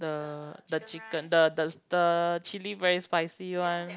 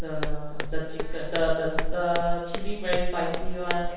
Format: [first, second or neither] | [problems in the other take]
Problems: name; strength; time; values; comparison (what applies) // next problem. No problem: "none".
first | background sound (Walk, footsteps); 4 dB above the speech // room echo; dies away in 1.2 s